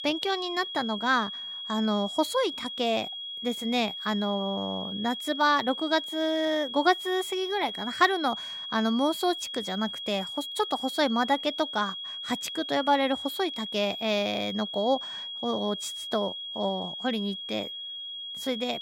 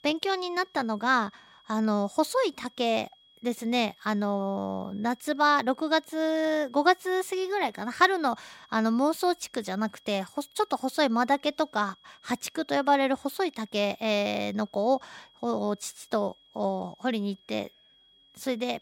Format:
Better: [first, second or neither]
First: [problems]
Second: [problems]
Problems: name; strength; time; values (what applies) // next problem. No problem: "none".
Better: second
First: high-pitched whine; loud; throughout; 3.5 kHz, 6 dB below the speech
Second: high-pitched whine; faint; throughout; 3.5 kHz, 30 dB below the speech